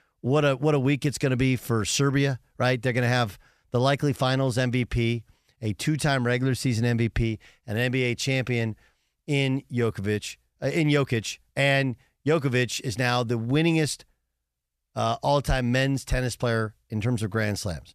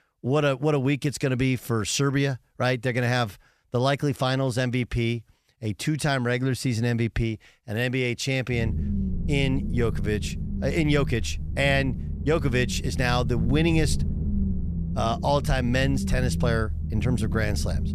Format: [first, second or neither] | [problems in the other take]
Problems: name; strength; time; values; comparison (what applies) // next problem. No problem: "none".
first | low rumble; noticeable; from 8.5 s on; 15 dB below the speech